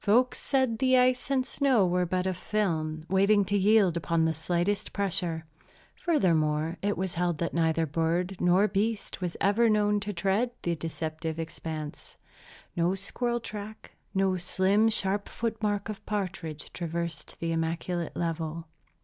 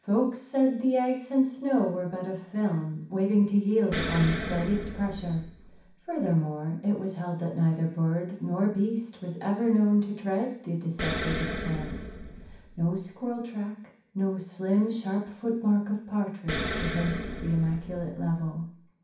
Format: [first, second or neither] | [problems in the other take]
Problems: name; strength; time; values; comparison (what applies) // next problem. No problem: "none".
first | background sound (Explosion); 7 dB below the speech // room echo; dies away in 0.6 s